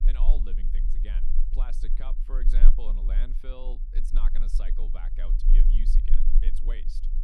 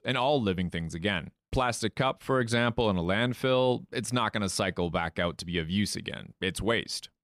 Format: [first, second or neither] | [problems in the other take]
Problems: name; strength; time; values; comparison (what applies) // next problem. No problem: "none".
second | low rumble; loud; throughout; 7 dB below the speech